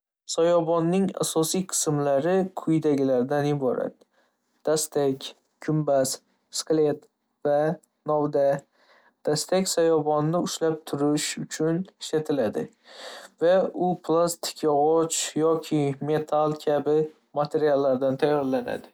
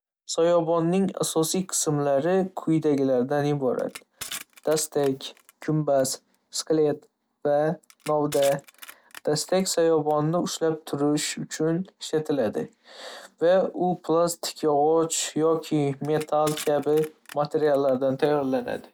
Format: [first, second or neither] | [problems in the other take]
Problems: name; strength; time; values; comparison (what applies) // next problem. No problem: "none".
first | background sound (Crushing); 19 dB below the speech